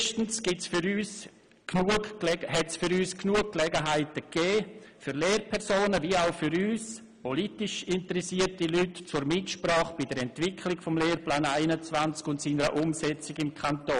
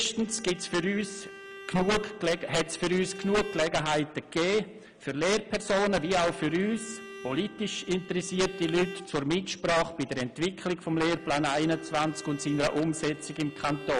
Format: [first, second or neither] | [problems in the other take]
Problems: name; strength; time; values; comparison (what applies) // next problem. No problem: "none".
first | background sound (Bowed string instrument); 16 dB below the speech